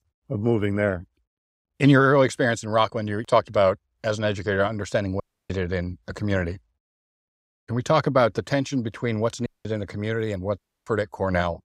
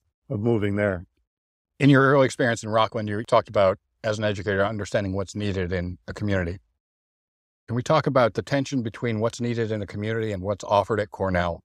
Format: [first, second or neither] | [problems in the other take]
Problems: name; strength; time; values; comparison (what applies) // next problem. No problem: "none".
second | audio cutting out; at 5 s, at 9.5 s and at 11 s